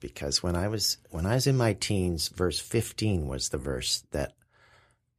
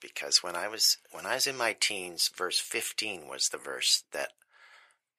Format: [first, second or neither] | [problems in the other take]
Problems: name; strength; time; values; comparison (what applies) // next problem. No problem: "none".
first | thin; very; fading below 800 Hz